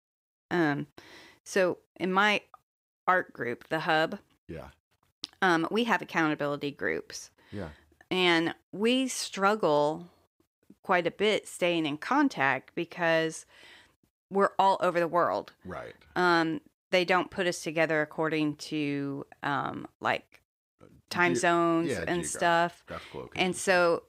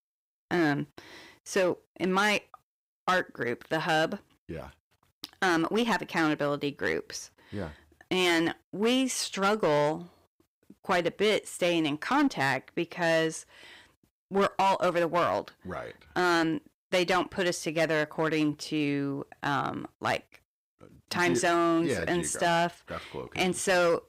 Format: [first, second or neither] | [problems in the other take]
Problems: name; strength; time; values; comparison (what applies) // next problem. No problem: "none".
first | distortion; slight; 6% of the sound clipped